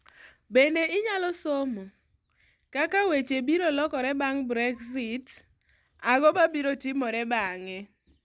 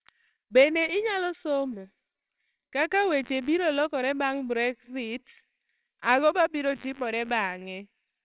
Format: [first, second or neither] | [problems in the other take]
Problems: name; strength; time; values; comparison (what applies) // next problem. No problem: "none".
first | noise reduction (neural separator model SepFormer WHAMR!)